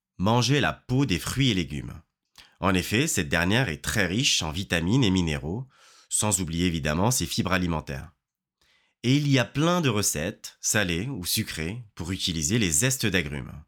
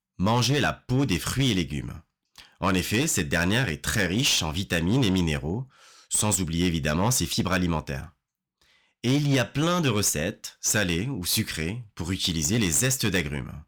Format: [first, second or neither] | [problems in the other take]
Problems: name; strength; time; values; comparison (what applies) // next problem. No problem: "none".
first | distortion; slight; 7% of the sound clipped